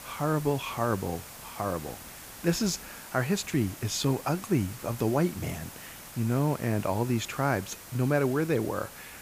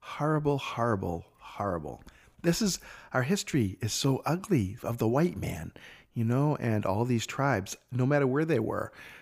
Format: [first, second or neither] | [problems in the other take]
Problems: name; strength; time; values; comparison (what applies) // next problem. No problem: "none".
second | hiss; noticeable; throughout; 15 dB below the speech